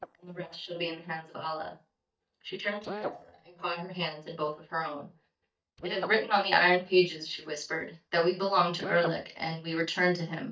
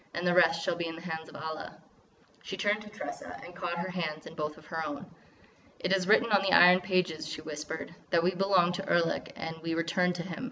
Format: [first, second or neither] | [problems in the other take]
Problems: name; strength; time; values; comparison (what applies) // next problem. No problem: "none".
second | noise reduction (neural mask model DeepFilterNet 3)